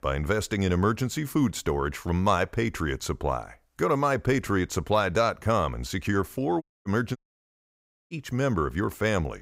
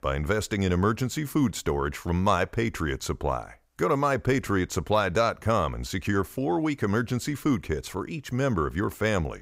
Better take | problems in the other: second | audio cutting out; at 6.5 s and at 7 s for 1 s

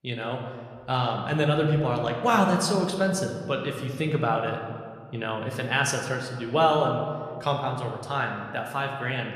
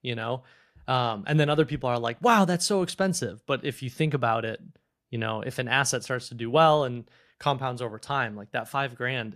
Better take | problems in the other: second | room echo; slight; dies away in 1.5 s

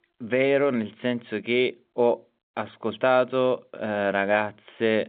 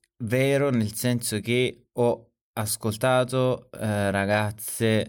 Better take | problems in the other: second | phone-call audio; nothing above 3.5 kHz

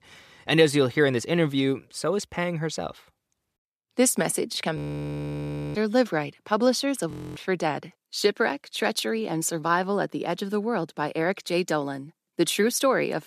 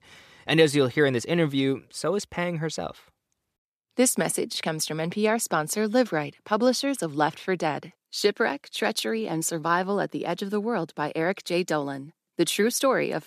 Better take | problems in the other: second | audio freezing; at 5 s for 1 s and at 7 s

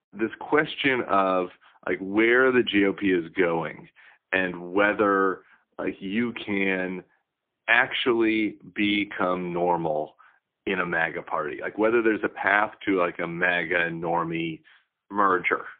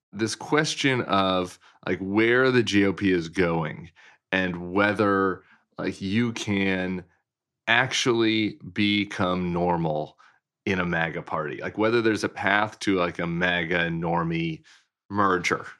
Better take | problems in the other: second | phone-call audio; poor line; nothing above 3.5 kHz

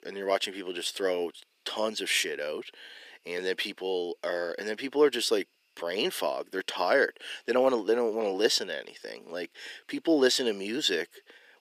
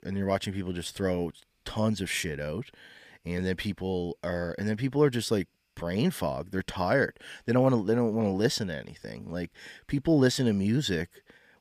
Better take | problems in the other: second | thin; somewhat; fading below 350 Hz

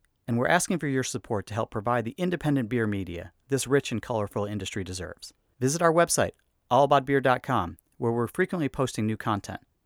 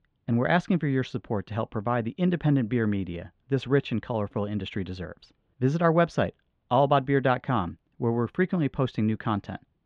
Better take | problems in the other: first | muffled; very; fading above 3.5 kHz

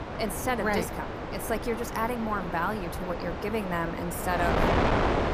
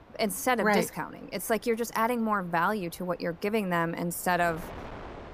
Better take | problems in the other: second | wind noise on the microphone; heavy; as loud as the speech; occasional gusts in the second

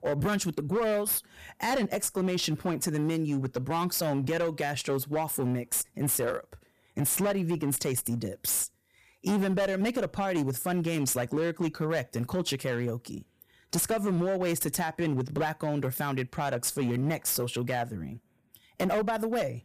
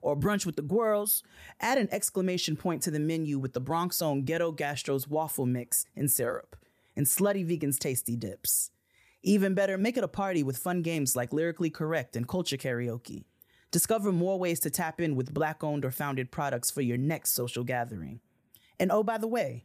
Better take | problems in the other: second | distortion; slight; 14% of the sound clipped

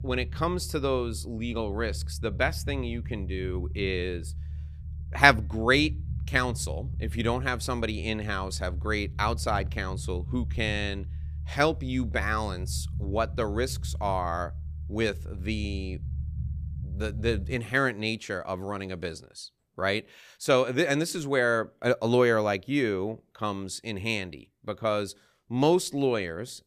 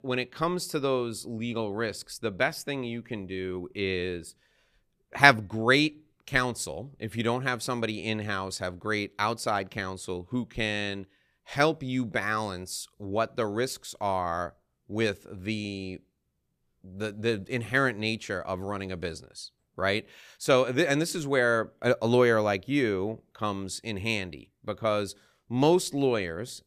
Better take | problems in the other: second | low rumble; faint; until 18 s; 25 dB below the speech

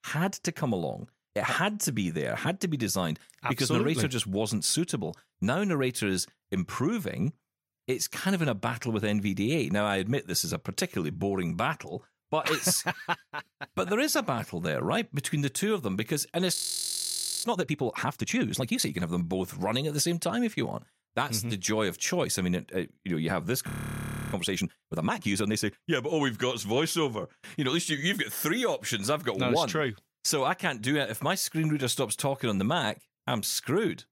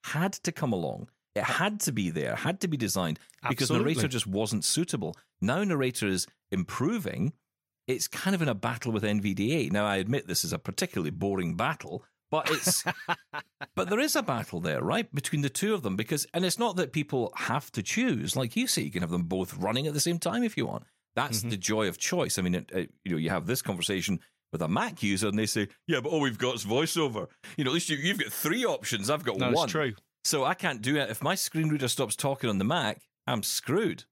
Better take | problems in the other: second | audio freezing; at 17 s for 1 s and at 24 s for 0.5 s

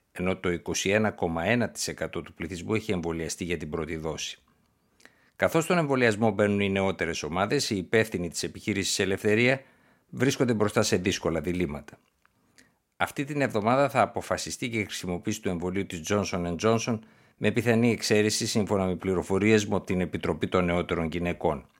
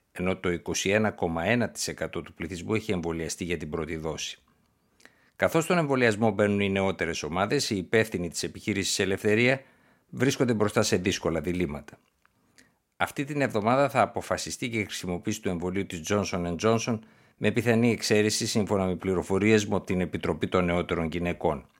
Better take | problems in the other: neither | none

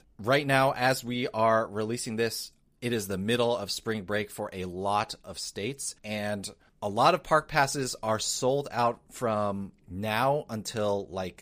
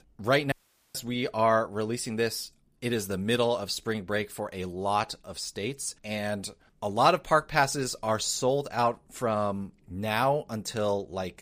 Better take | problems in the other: first | audio cutting out; at 0.5 s

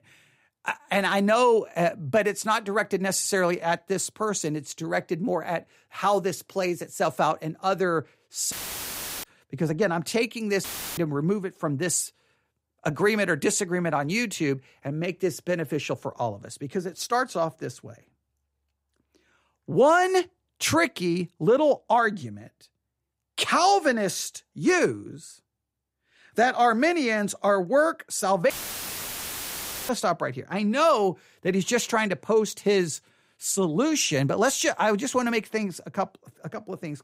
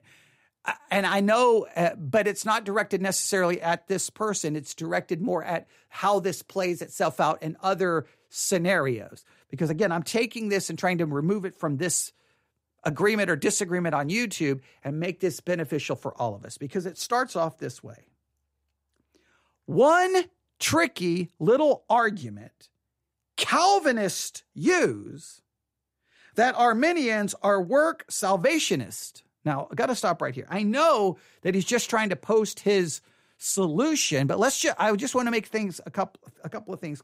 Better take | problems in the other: second | audio cutting out; filled with static; at 8.5 s for 0.5 s, at 11 s and at 29 s for 1.5 s

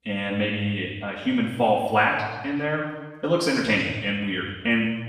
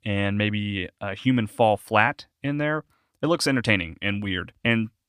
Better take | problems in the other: second | room echo; noticeable; dies away in 1.2 s // off-mic speech; far

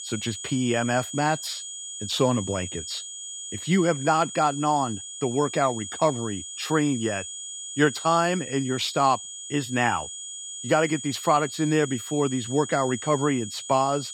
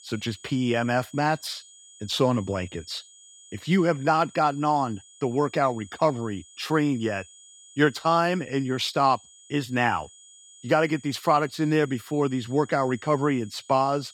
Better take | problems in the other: second | high-pitched whine; loud; throughout; 7 kHz, 9 dB below the speech; faint in the second

